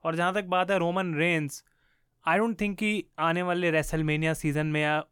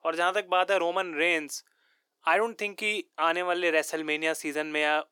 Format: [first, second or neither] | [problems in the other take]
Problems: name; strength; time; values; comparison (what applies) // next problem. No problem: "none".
first | thin; very; fading below 350 Hz